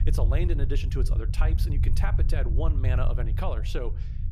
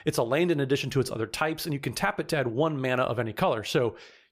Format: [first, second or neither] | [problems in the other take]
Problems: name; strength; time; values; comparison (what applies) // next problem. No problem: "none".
second | low rumble; loud; throughout; 8 dB below the speech